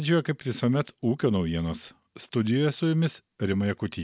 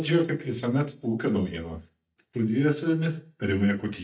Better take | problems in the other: first | noise reduction (neural mask model DeepFilterNet 3)

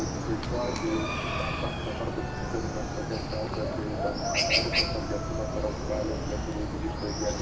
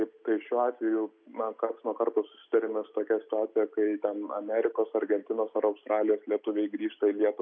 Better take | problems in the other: second | background sound (Chicken, rooster); 5 dB above the speech // room echo; dies away in 1 s

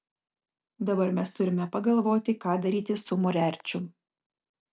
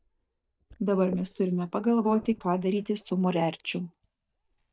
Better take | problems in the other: first | noise reduction (neural mask model DeepFilterNet 3)

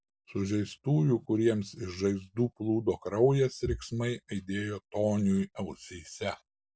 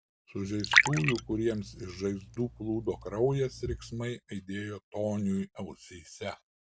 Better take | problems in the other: first | background sound (Liquid); as loud as the speech

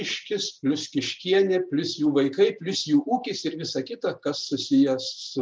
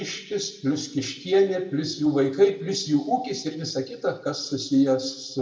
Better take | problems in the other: first | room echo; dies away in 1.1 s

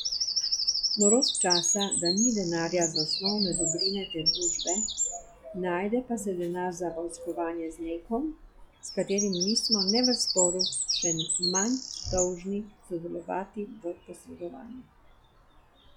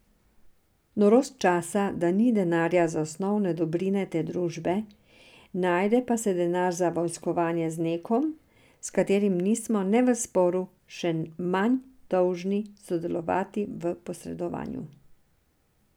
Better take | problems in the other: second | noise reduction (classical method log-MMSE)

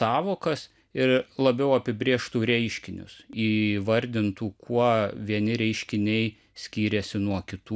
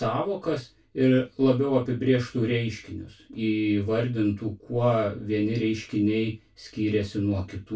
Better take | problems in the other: first | room echo; dies away in 0.2 s

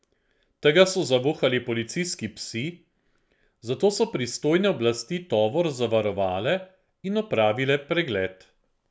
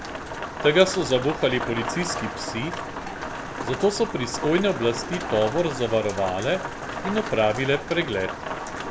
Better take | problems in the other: first | background sound (Rain); 7 dB below the speech

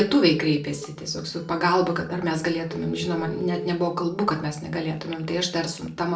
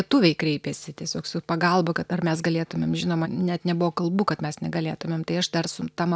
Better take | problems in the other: second | background sound (Telephone); 15 dB below the speech // room echo; dies away in 0.3 s

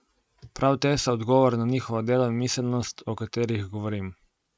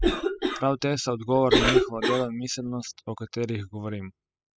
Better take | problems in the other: first | noise reduction (classical method spectral subtraction)

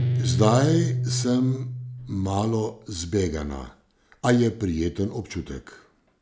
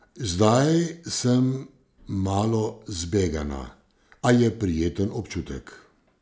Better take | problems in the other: second | background sound (Guitar); 4 dB below the speech

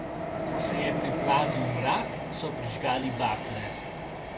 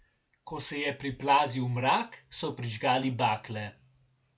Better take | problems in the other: second | background sound (Train); as loud as the speech

